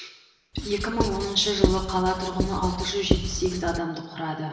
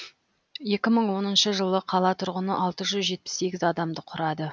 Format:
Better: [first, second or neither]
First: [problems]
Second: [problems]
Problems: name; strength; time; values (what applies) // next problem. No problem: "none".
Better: second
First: background sound (Writing); 1 dB below the speech // room echo; dies away in 1 s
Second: none